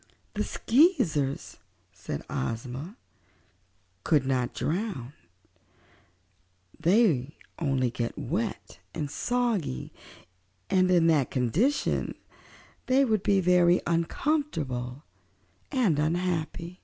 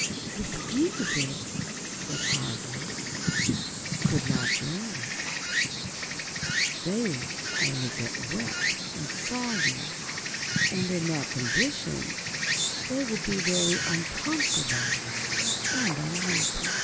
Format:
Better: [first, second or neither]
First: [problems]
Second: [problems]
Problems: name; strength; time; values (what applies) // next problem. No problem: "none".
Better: first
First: none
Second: background sound (Insect); 4 dB above the speech